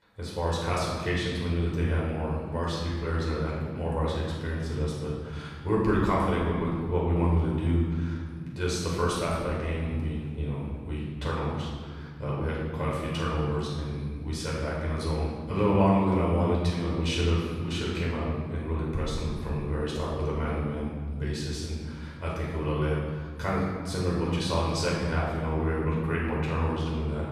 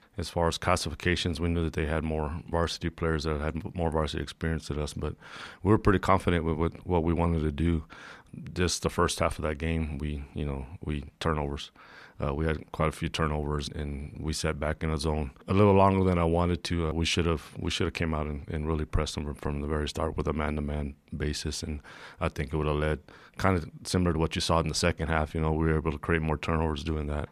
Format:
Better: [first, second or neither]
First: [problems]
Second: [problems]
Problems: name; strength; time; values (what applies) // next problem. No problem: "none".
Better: second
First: off-mic speech; far // room echo; strong; dies away in 1.7 s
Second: none